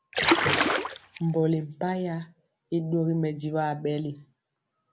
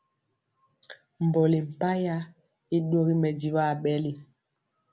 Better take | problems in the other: second | background sound (Splash, splatter); 4 dB above the speech

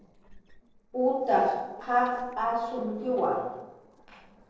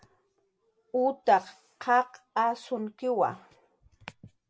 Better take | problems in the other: second | noise reduction (neural separator model SepFormer DNS4)

